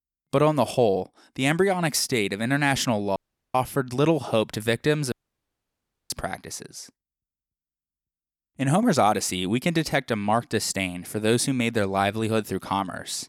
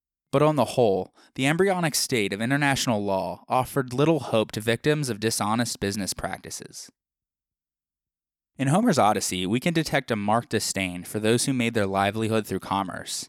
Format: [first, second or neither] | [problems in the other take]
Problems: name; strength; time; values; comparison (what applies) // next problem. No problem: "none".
second | audio cutting out; at 3 s and at 5 s for 1 s